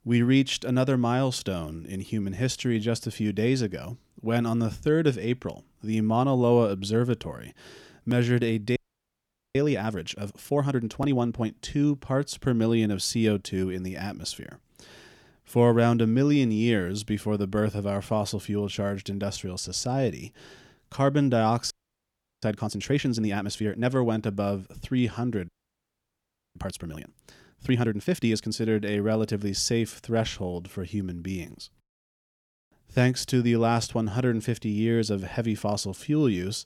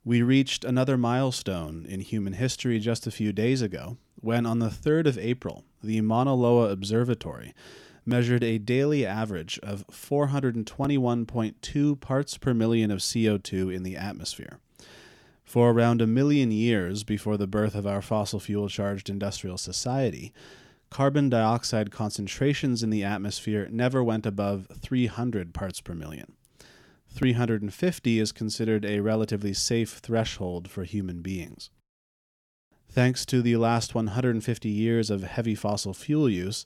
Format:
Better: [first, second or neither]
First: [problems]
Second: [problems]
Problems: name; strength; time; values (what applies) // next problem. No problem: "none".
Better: second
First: audio freezing; at 9 s for 1 s, at 22 s for 0.5 s and at 25 s for 1 s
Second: none